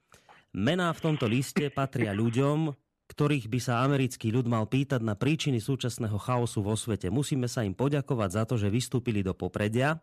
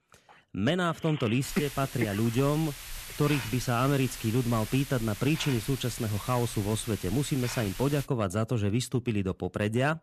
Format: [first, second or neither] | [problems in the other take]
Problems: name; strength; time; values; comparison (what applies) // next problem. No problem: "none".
first | hiss; noticeable; from 1.5 to 8 s; 10 dB below the speech